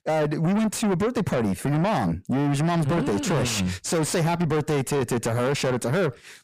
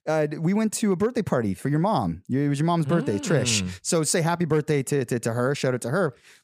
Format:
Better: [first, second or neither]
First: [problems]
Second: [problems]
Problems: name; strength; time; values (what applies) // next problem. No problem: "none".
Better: second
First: distortion; heavy; 7 dB below the speech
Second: none